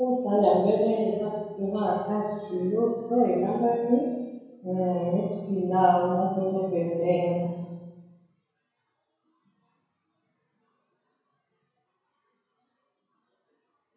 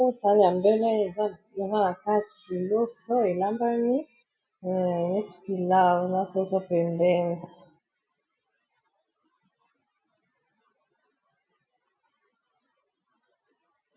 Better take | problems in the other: second | room echo; dies away in 1 s

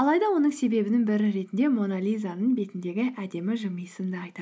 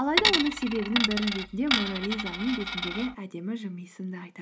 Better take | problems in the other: first | background sound (Coin (dropping)); 1 dB above the speech

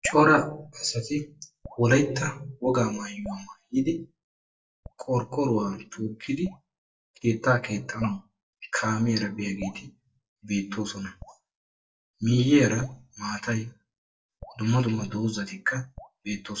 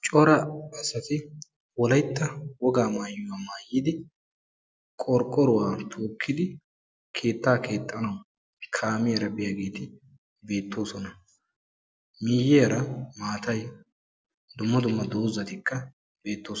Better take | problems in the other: second | noise reduction (neural mask model DeepFilterNet 3)

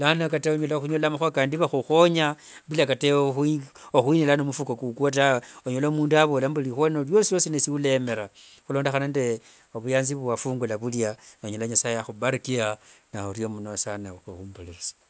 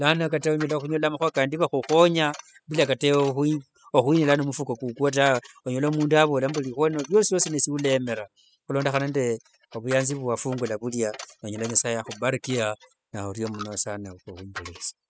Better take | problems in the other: first | noise reduction (classical method spectral subtraction)

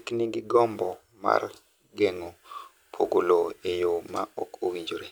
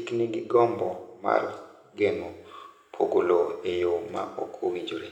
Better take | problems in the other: first | room echo; dies away in 0.9 s

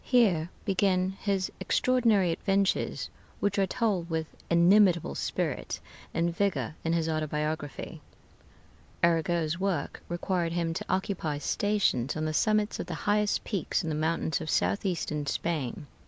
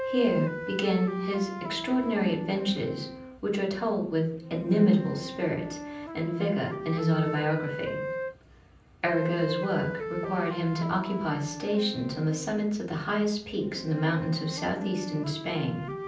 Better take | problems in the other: first | background sound (Wind instrument, woodwind instrument); 9 dB below the speech // room echo; dies away in 0.6 s

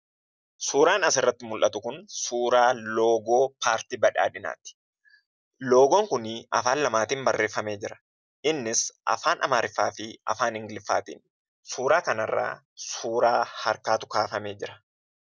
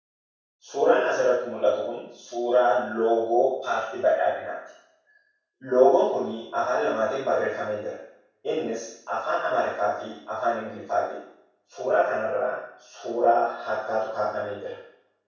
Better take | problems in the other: first | room echo; dies away in 0.7 s

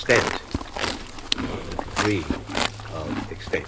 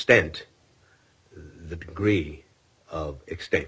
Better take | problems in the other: second | background sound (Livestock, farm animals, working animals); 1 dB above the speech

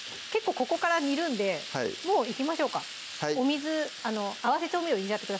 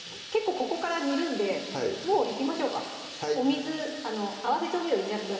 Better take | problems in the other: first | room echo; dies away in 2.3 s

